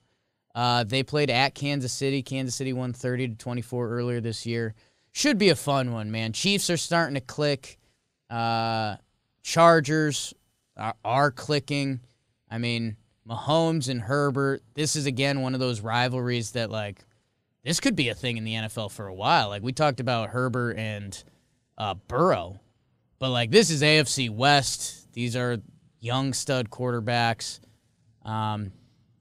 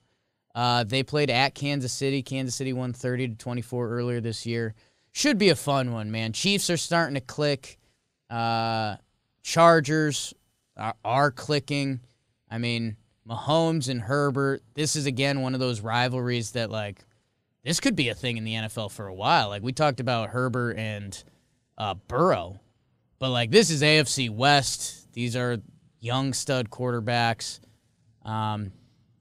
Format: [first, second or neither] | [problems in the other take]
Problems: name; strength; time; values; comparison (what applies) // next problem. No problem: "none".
neither | none